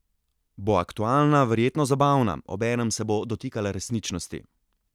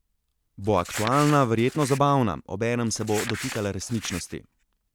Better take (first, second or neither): first